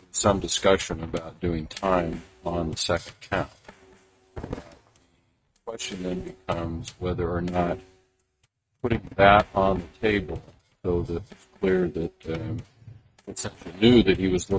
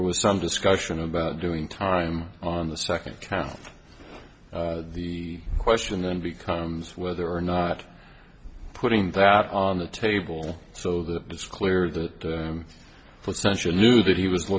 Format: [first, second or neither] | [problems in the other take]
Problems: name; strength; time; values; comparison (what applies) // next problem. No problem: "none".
second | noise reduction (neural mask model RNNoise)